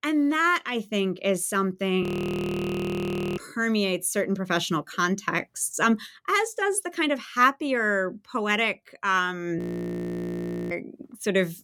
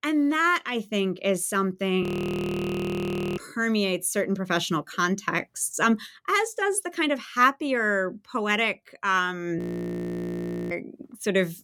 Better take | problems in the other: neither | audio freezing; at 2 s for 1.5 s and at 9.5 s for 1 s; the same in both

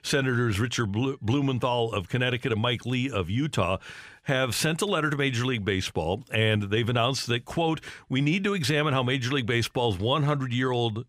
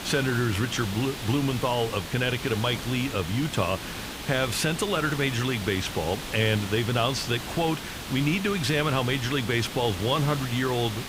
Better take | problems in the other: first | hiss; loud; throughout; 8 dB below the speech

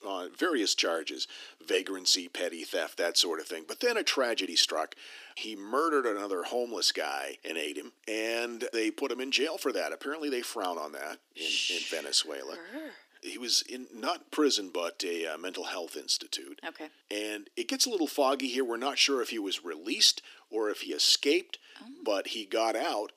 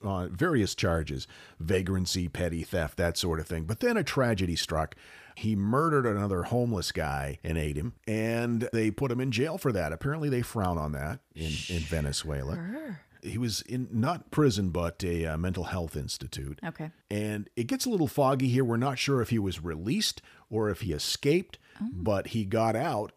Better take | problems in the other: second | thin; somewhat; fading below 300 Hz

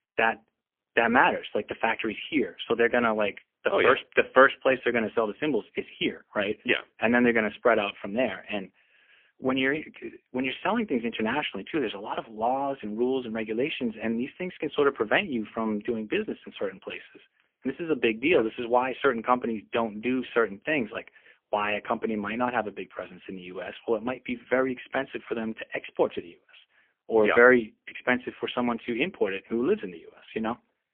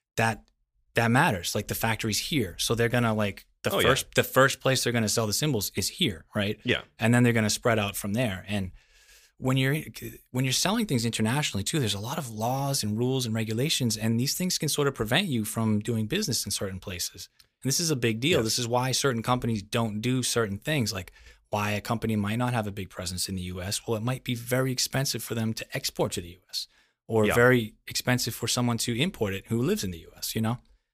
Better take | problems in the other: second | phone-call audio; poor line; nothing above 3.5 kHz

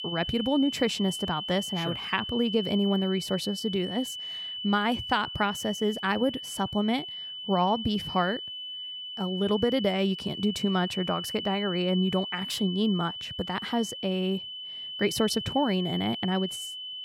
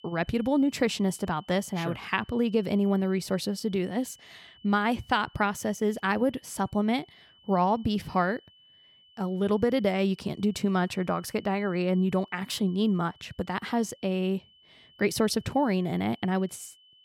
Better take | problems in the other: second | high-pitched whine; loud; throughout; 3 kHz, 6 dB below the speech; faint in the second

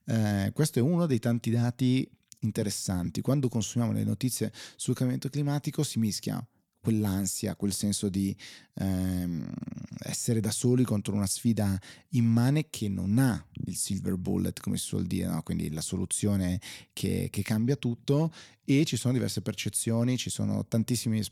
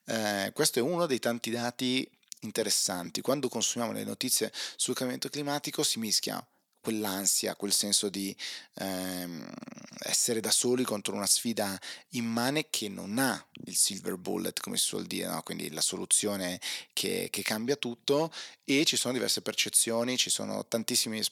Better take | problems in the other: first | thin; somewhat; fading below 450 Hz

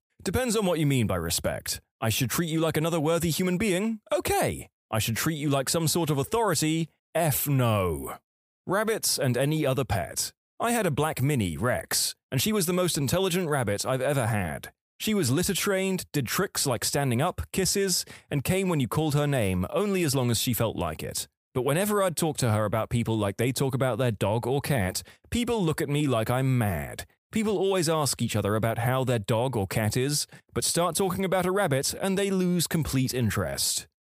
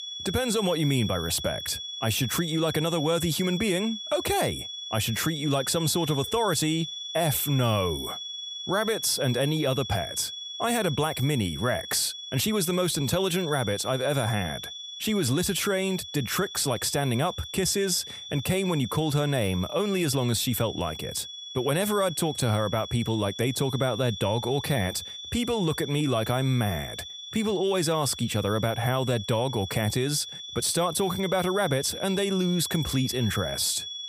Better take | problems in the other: first | high-pitched whine; loud; throughout; 3.5 kHz, 9 dB below the speech

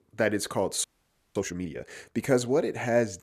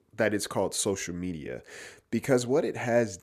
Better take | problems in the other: second | audio freezing; at 1 s for 0.5 s

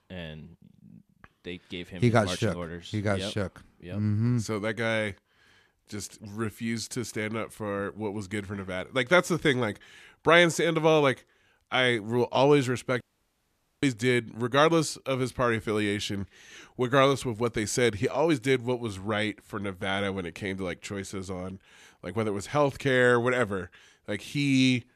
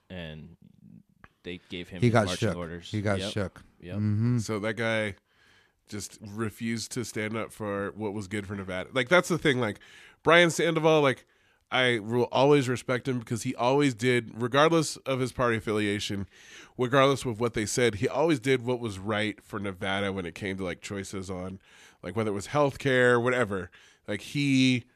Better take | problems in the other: second | audio cutting out; at 13 s for 1 s

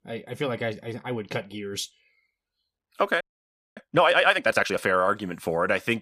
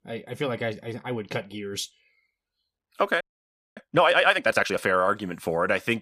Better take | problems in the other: neither | audio freezing; at 3 s for 0.5 s; the same in both

